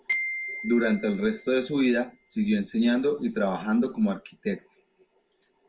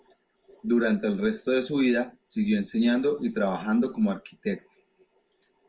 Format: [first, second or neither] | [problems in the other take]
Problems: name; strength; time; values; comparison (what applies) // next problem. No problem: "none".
second | background sound (Glockenspiel); 10 dB below the speech